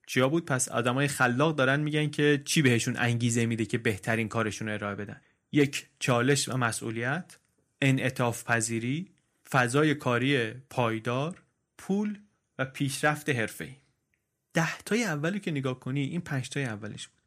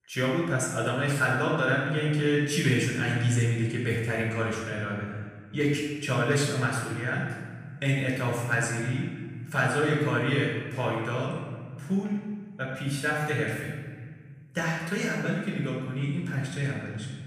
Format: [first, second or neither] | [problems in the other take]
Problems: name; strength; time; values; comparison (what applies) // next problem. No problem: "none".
first | off-mic speech; far // room echo; noticeable; dies away in 1.7 s